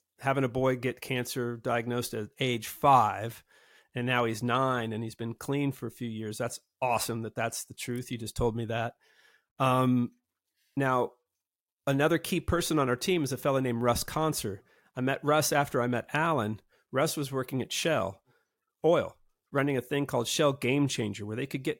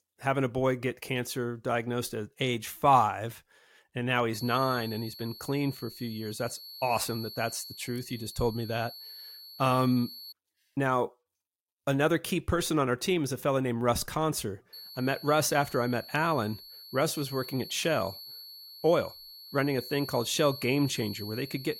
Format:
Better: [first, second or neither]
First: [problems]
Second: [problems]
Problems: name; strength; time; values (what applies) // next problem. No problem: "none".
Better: first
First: none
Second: high-pitched whine; noticeable; from 4.5 to 10 s and from 15 s on; 4.5 kHz, 15 dB below the speech